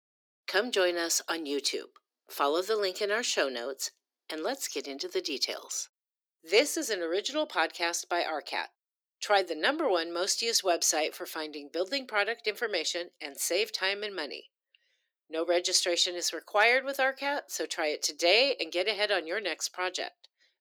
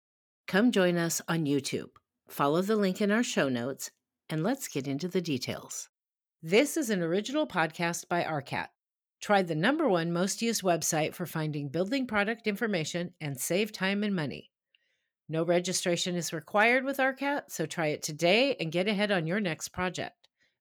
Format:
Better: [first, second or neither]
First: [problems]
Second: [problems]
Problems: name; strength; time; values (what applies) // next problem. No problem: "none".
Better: second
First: thin; somewhat; fading below 350 Hz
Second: none